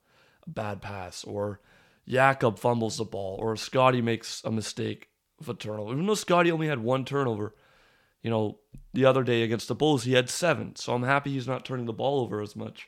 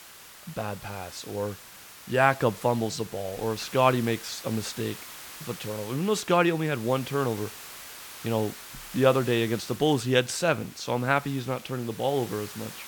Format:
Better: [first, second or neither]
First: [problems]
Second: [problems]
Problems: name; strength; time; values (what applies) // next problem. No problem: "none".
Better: first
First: none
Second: hiss; noticeable; throughout; 15 dB below the speech